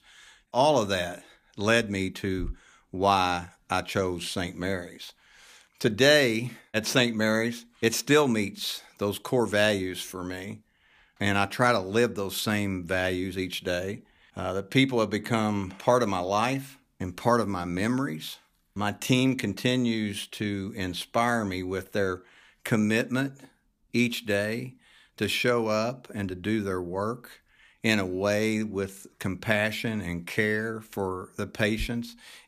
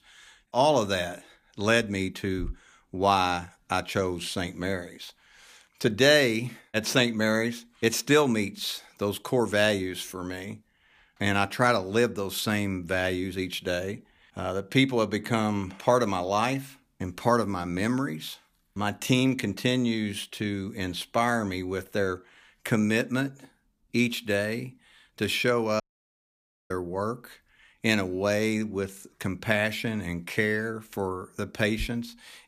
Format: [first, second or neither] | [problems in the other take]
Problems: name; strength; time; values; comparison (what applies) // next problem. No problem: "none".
first | audio cutting out; at 26 s for 1 s